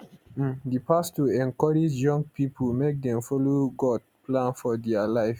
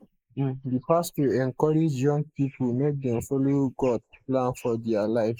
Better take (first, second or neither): first